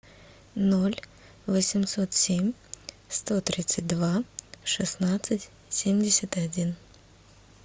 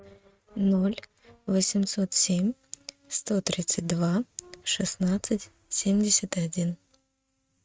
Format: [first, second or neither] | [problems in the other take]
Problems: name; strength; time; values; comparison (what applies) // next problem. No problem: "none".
first | noise reduction (neural mask model RNNoise)